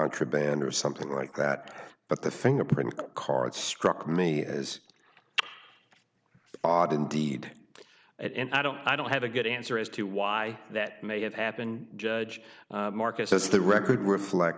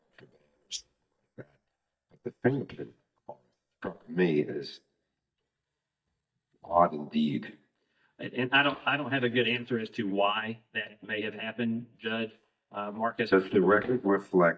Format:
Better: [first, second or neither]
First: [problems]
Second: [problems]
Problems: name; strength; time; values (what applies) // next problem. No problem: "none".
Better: first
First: none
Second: noise reduction (neural mask model DeepFilterNet 3)